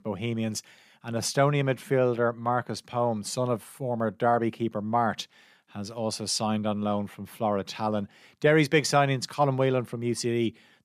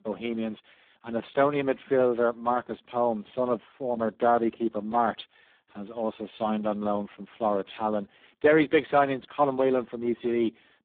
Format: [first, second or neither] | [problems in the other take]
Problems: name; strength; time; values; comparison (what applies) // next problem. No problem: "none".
first | phone-call audio; poor line; nothing above 3.5 kHz